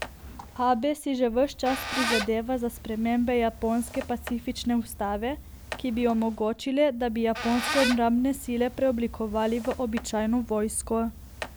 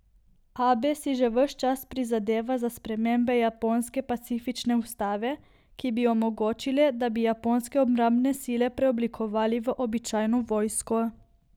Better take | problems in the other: second | background sound (Squeak); 10 dB below the speech

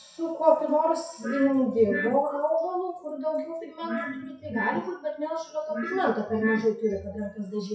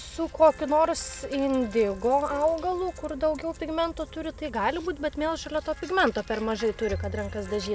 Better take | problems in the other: second | noise reduction (classical method WPE with log-MMSE)

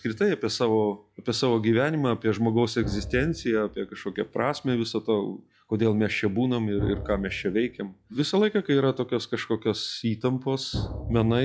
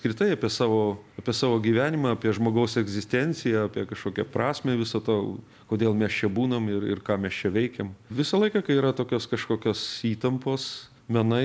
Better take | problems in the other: second | noise reduction (classical method log-MMSE)

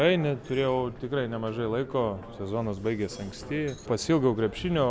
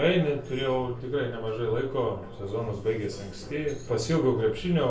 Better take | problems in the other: first | room echo; dies away in 0.3 s

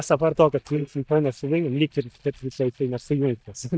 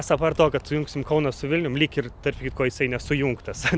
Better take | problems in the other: second | noise reduction (neural mask model DeepFilterNet 3)

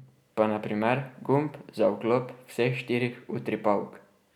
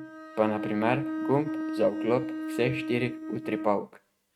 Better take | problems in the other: first | noise reduction (neural mask model RNNoise)

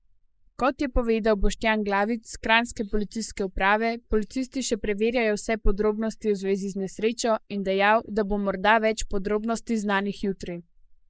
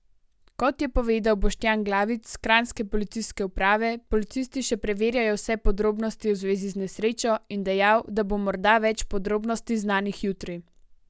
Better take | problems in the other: second | noise reduction (neural mask model Resemble Enhance denoiser)

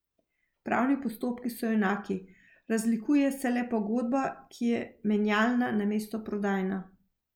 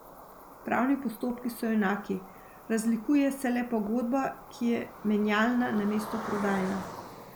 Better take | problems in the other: first | background sound (Cricket); 14 dB below the speech

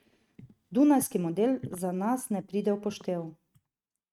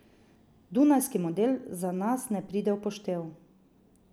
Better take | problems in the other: second | noise reduction (neural mask model RNNoise)

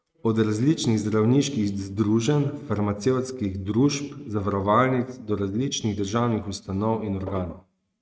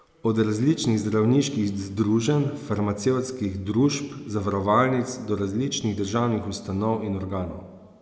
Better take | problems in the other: second | noise reduction (neural mask model RNNoise)

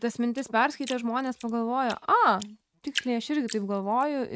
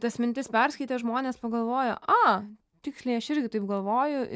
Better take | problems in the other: second | noise reduction (neural mask model RNNoise)

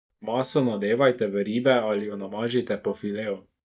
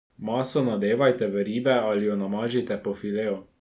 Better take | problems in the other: second | noise reduction (neural mask model DeepFilterNet 3)

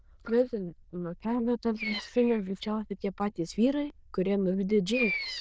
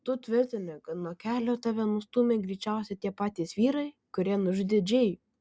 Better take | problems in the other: second | noise reduction (neural diffusion model UNIVERSE++)

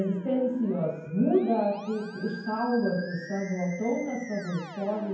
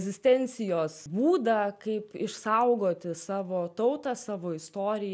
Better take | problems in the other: second | background sound (Musical instrument); 15 dB below the speech // room echo; dies away in 0.9 s

